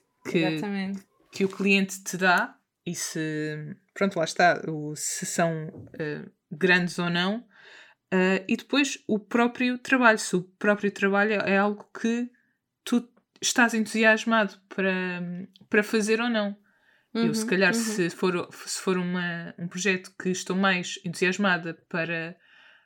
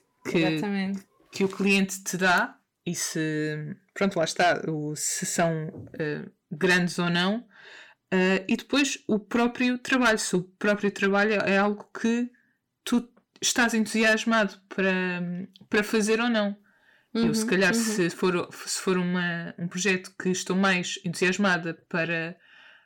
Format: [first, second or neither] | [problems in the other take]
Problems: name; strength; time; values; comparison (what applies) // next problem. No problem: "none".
first | distortion; slight; 10 dB below the speech